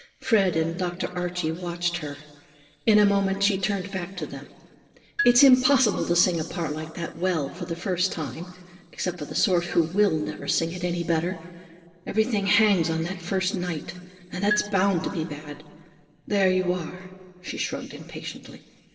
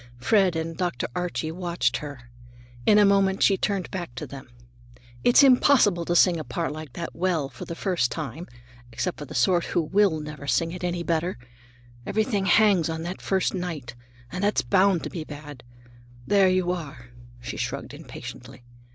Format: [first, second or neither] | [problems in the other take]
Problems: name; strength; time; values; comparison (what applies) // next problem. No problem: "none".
second | noise reduction (neural separator model SepFormer DNS4)